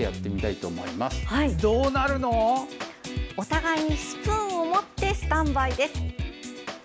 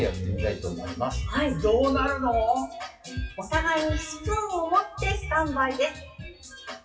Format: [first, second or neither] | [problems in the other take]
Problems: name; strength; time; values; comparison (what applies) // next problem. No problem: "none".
first | noise reduction (classical method WPE with log-MMSE)